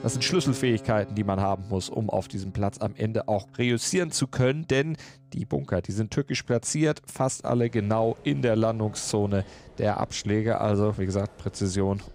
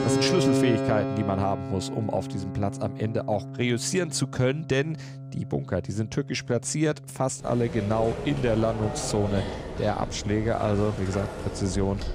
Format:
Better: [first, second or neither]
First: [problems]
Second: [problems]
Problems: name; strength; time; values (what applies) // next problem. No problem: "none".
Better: first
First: background music; faint; throughout; 20 dB below the speech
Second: background music; loud; throughout; 5 dB below the speech